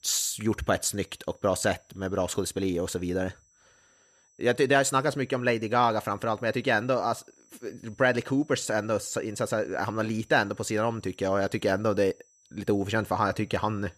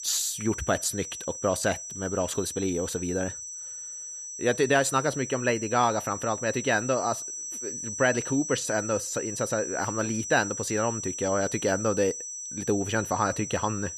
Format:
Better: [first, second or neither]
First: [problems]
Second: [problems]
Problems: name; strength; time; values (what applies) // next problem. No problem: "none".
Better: first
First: high-pitched whine; faint; throughout; 6 kHz, 35 dB below the speech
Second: high-pitched whine; loud; throughout; 6 kHz, 7 dB below the speech